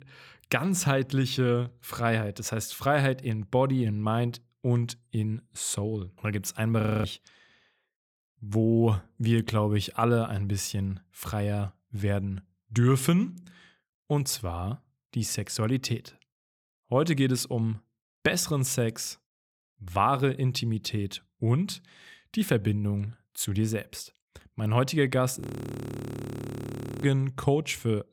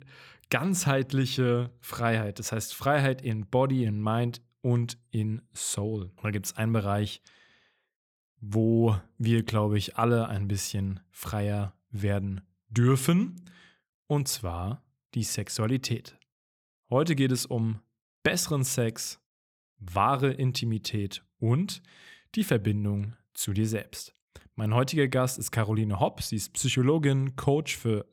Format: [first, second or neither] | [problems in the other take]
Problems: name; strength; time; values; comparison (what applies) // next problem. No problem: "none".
second | audio freezing; at 7 s and at 25 s for 1.5 s